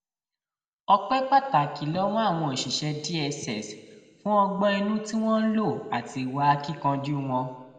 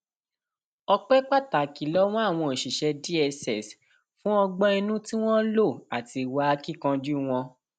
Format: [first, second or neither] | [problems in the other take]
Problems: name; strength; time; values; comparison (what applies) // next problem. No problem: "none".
second | room echo; dies away in 1.6 s